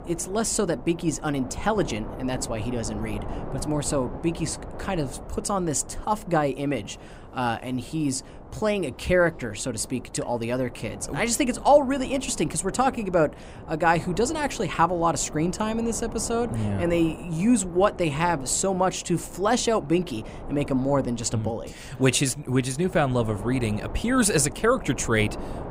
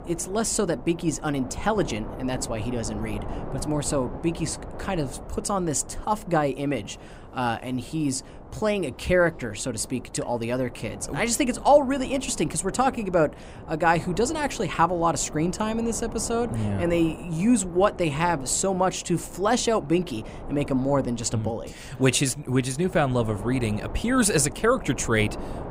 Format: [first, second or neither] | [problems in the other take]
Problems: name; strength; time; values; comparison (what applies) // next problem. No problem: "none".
neither | wind noise on the microphone; occasional gusts; 15 dB below the speech; the same in both